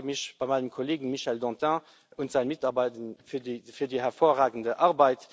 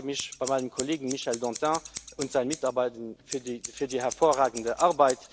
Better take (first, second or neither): first